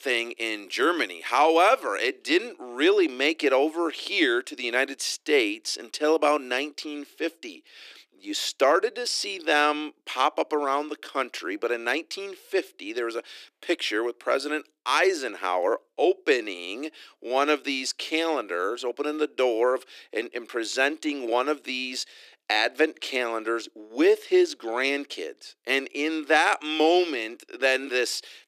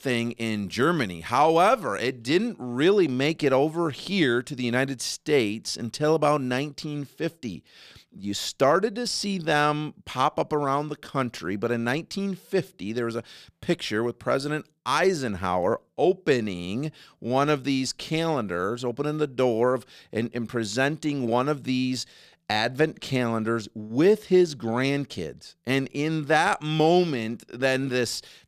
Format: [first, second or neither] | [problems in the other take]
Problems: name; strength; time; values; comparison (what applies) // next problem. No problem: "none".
second | thin; somewhat; fading below 300 Hz